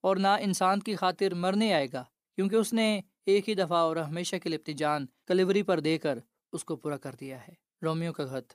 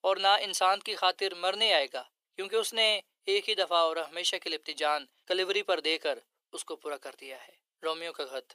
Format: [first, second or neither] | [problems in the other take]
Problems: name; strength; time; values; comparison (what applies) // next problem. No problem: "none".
first | thin; very; fading below 450 Hz